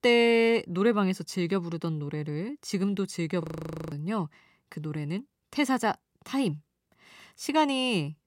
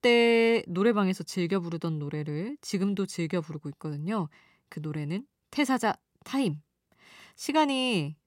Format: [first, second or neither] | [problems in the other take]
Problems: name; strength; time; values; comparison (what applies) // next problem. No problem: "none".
second | audio freezing; at 3.5 s